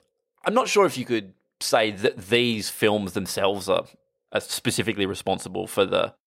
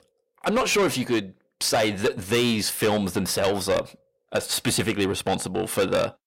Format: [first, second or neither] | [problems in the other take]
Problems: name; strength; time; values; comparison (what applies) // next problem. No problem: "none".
first | distortion; heavy; 7 dB below the speech